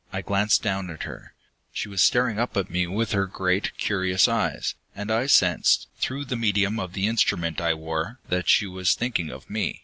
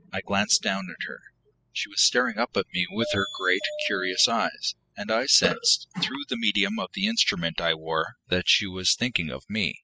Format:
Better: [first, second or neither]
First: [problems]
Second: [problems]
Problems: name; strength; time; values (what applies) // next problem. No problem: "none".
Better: first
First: none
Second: noise reduction (classical method spectral subtraction)